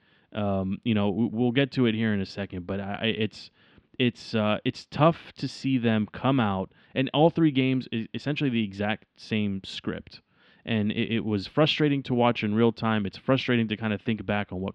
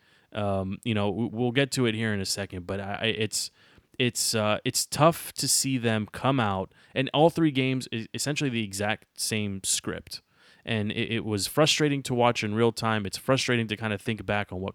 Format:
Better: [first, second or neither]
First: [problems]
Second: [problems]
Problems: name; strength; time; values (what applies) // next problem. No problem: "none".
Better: second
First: muffled; slightly; fading above 3.5 kHz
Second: none